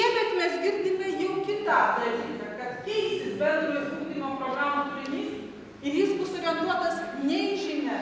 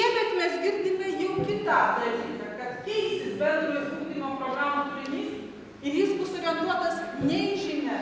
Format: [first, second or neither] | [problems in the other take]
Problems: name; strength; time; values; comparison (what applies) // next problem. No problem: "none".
first | background sound (Drum); 17 dB below the speech